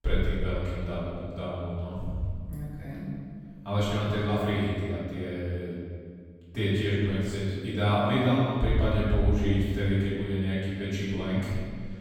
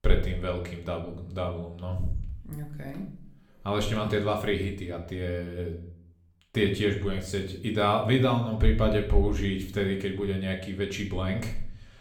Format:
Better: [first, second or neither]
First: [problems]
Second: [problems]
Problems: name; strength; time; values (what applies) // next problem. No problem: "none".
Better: second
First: room echo; strong; dies away in 1.9 s // off-mic speech; far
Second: room echo; slight; dies away in 0.5 s // off-mic speech; somewhat distant